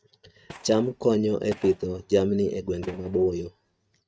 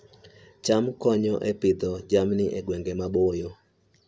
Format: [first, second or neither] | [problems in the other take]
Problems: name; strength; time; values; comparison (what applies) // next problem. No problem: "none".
second | noise reduction (neural mask model RNNoise)